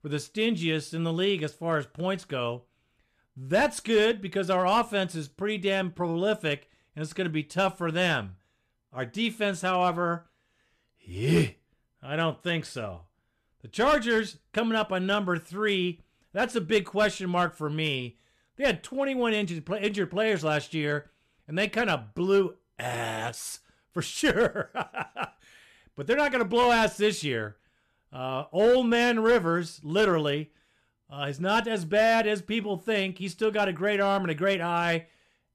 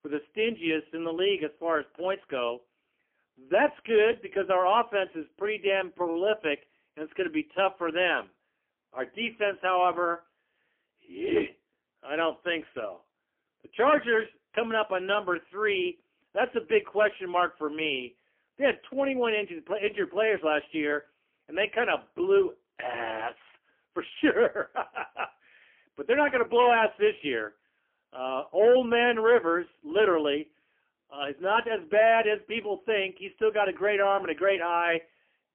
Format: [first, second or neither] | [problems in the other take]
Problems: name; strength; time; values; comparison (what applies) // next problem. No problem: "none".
first | phone-call audio; poor line; nothing above 3 kHz